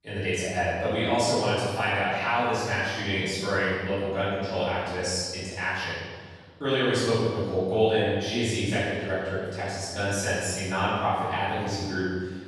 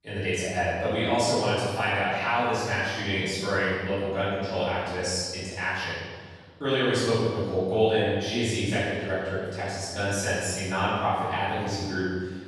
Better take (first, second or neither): neither